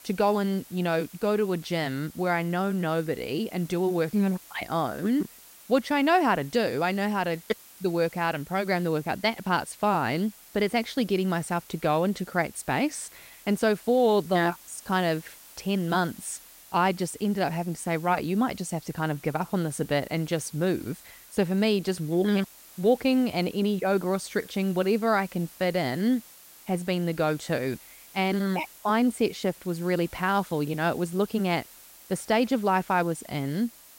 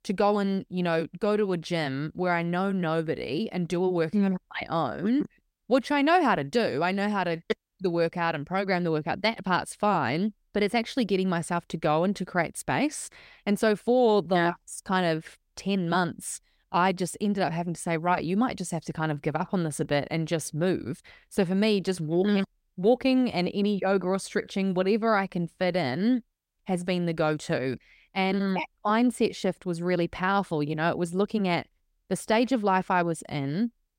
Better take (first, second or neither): second